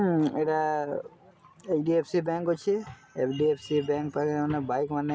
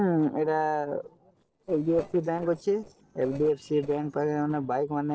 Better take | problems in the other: first | noise reduction (neural separator model SepFormer DNS4)

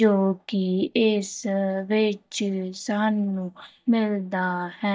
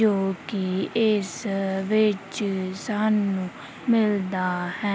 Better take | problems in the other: second | noise reduction (neural mask model DeepFilterNet 3)

